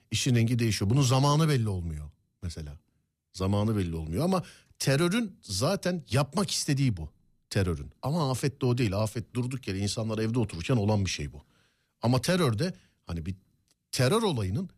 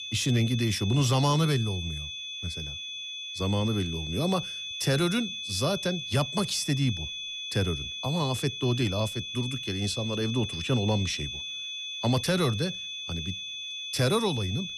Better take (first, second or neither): first